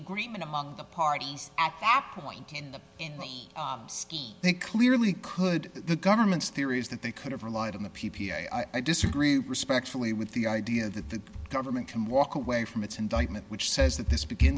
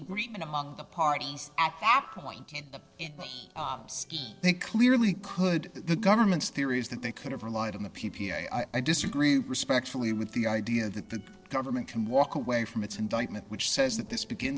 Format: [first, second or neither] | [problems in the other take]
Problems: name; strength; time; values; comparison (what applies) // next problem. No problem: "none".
first | noise reduction (neural separator model SepFormer DNS4)